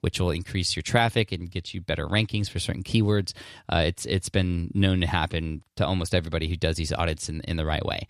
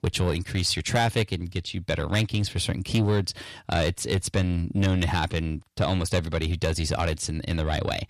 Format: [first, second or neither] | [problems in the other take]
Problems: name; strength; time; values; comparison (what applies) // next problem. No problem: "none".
first | distortion; slight; 10 dB below the speech